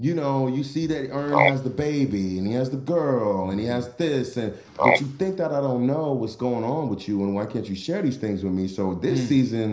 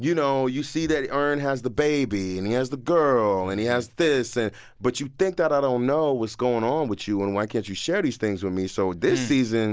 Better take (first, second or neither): second